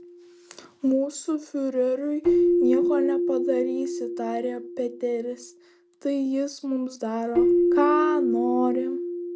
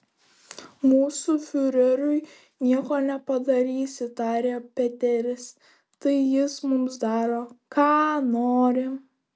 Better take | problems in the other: second | background sound (Keyboard (musical)); 2 dB above the speech

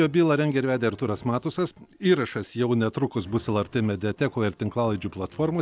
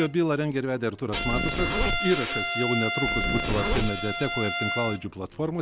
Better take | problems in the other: first | background sound (Zipper (clothing) + Bowed string instrument); 1 dB below the speech

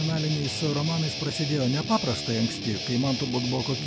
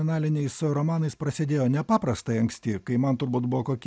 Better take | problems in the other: second | background sound (Guitar); 5 dB below the speech

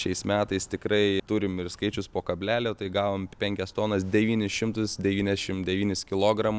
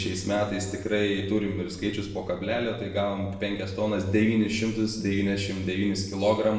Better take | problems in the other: first | room echo; dies away in 0.8 s

